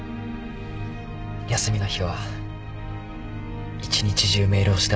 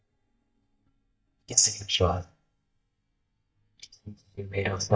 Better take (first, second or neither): first